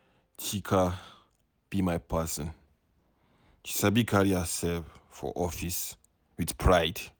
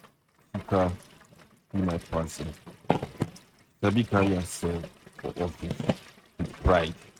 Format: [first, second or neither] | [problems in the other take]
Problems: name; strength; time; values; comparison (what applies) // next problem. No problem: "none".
first | noise reduction (neural mask model RNNoise)